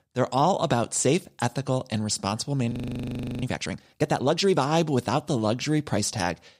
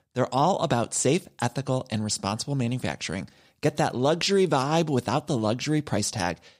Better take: second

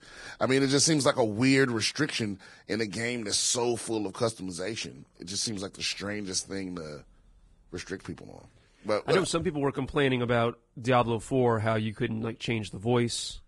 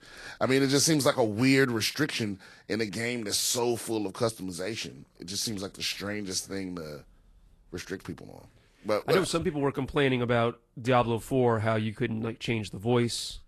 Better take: second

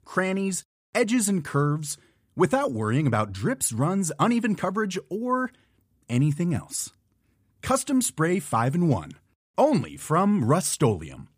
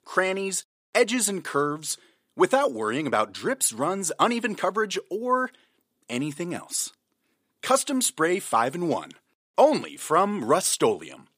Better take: first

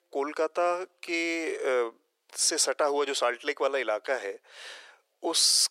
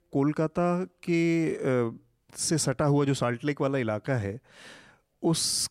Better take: second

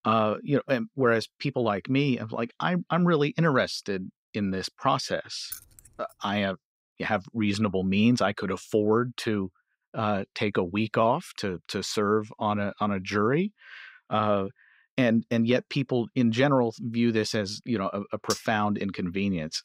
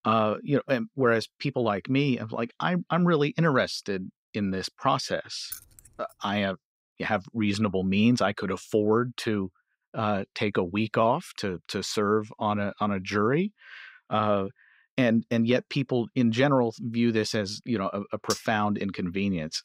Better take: neither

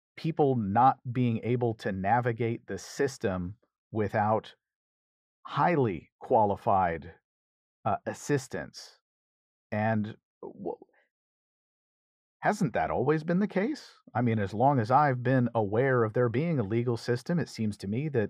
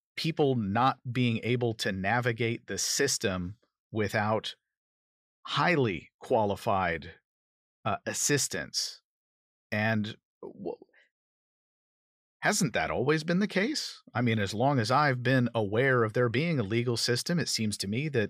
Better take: second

